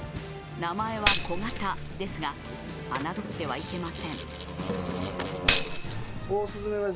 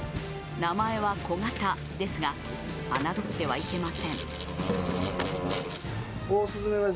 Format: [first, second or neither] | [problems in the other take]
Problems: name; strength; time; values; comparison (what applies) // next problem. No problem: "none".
second | background sound (Tambourine); 1 dB above the speech